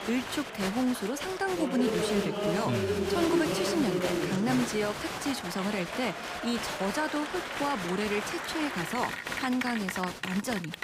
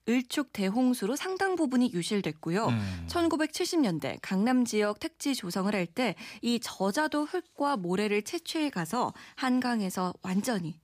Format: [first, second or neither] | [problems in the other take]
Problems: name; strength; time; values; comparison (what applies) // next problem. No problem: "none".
second | crowd noise; loud; throughout; 1 dB below the speech